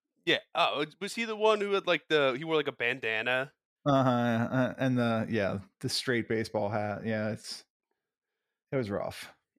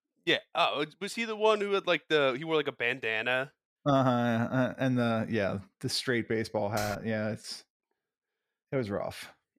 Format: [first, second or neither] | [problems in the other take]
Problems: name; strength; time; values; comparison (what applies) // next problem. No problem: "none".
first | keyboard typing; noticeable; at 7 s; peak 9 dB below the speech